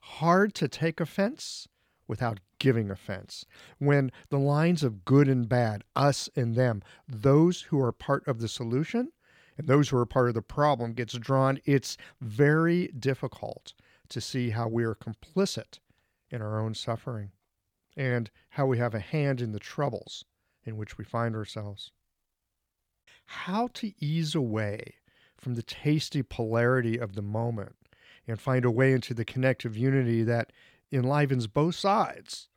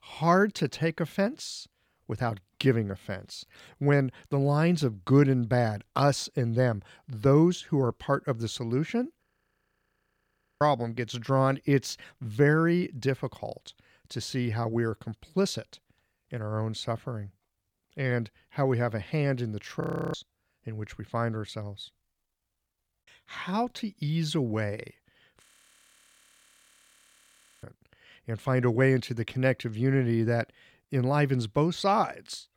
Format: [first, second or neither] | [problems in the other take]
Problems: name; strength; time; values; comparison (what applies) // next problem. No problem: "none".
first | audio freezing; at 9 s for 1.5 s, at 20 s and at 25 s for 2 s